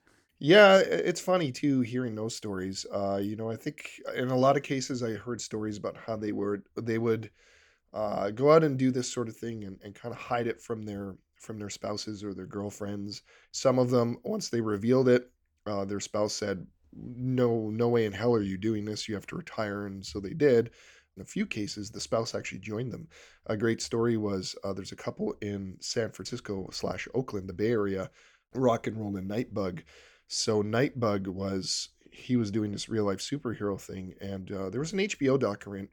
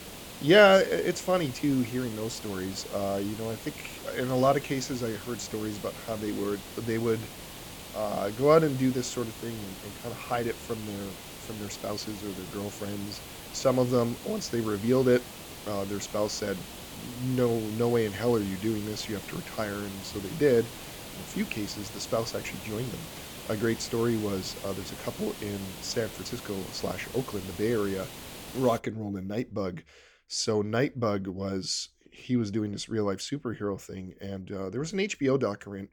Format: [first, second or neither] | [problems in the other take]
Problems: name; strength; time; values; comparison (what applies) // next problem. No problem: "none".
first | hiss; noticeable; until 29 s; 10 dB below the speech